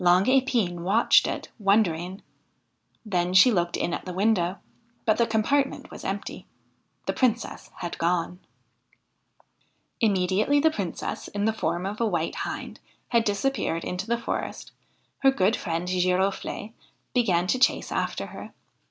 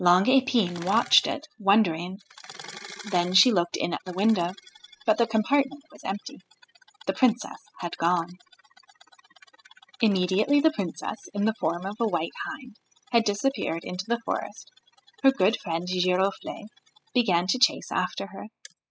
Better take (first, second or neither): first